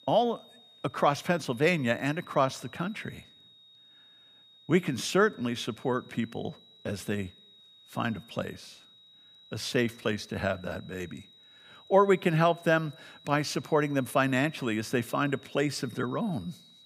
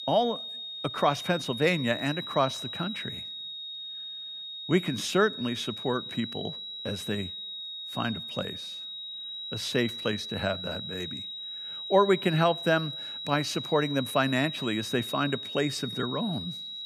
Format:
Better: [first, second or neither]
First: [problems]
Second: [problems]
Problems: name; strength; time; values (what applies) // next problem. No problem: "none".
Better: first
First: high-pitched whine; faint; throughout; 4 kHz, 25 dB below the speech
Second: high-pitched whine; loud; throughout; 4 kHz, 7 dB below the speech